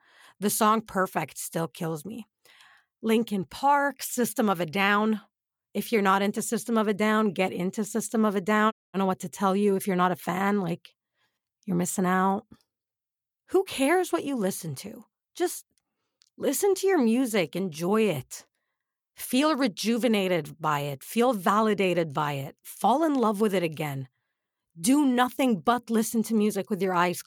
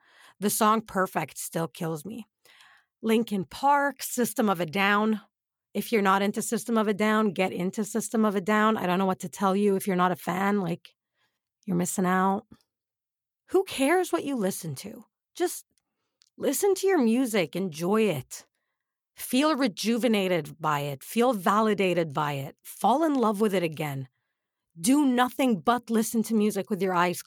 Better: second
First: audio cutting out; at 8.5 s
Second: none

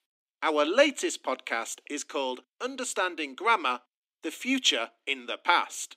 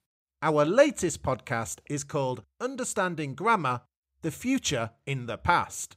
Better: second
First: thin; very slightly; fading below 250 Hz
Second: none

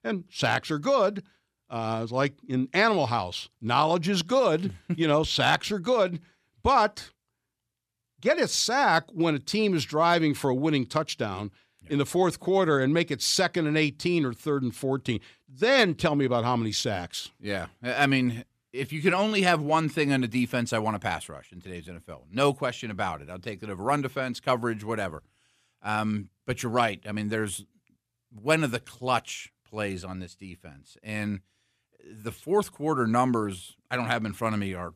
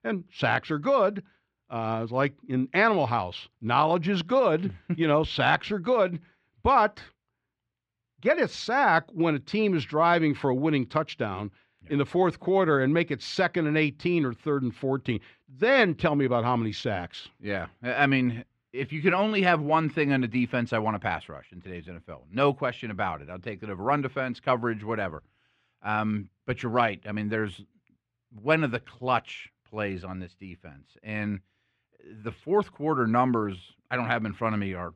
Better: first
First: none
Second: muffled; slightly; fading above 2.5 kHz

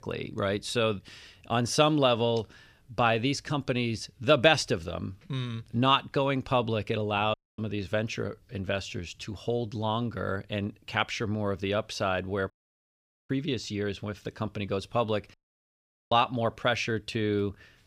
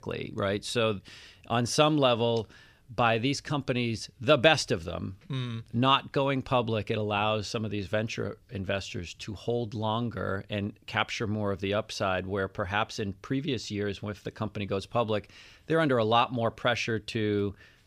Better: second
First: audio cutting out; at 7.5 s, at 13 s for 1 s and at 15 s for 1 s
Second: none

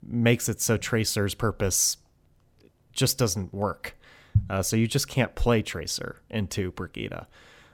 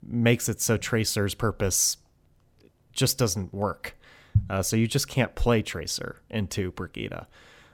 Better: neither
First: none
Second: none

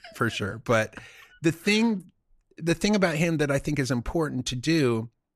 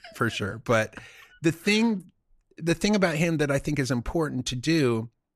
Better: neither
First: none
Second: none

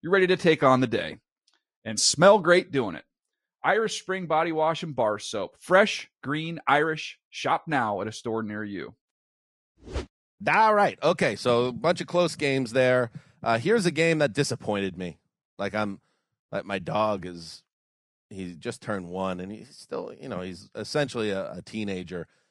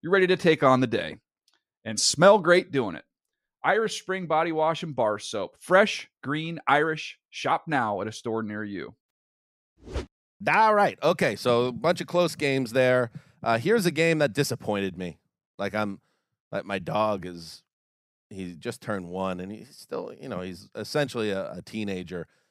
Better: second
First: garbled, watery; slightly; nothing above 10.5 kHz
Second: none

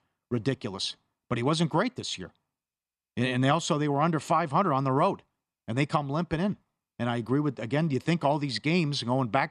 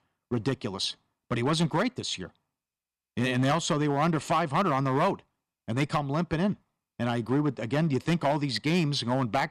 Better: first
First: none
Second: distortion; slight; 5% of the sound clipped

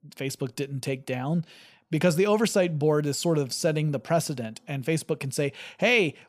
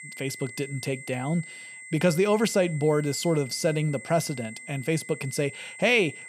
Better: first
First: none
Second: high-pitched whine; noticeable; throughout; 2 kHz, 15 dB below the speech

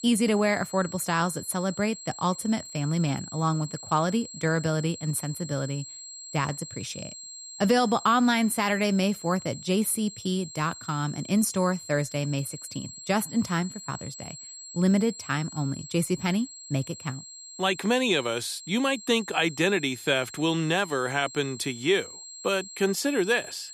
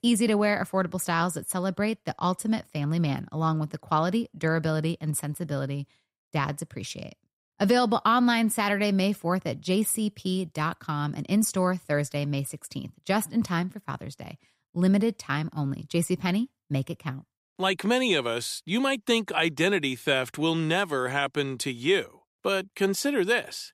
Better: second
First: high-pitched whine; noticeable; throughout; 7.5 kHz, 15 dB below the speech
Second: none

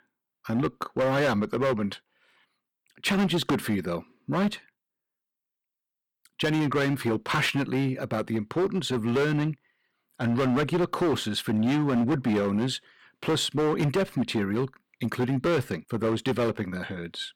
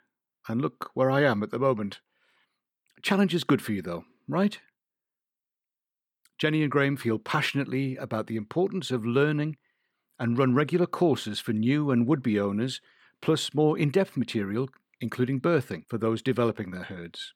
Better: second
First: distortion; heavy; 11% of the sound clipped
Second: none

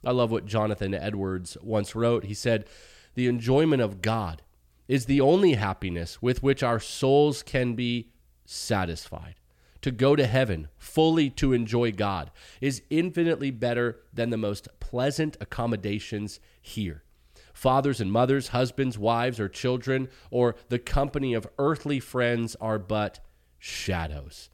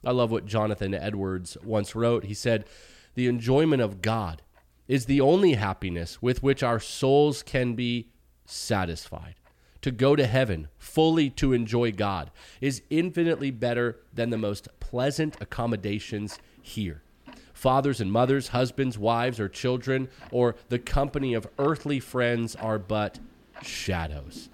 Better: first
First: none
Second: household noises; faint; throughout; 25 dB below the speech

